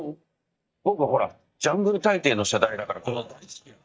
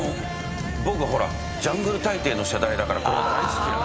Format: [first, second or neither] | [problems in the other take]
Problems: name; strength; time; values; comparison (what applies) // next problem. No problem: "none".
second | noise reduction (neural mask model DeepFilterNet 3)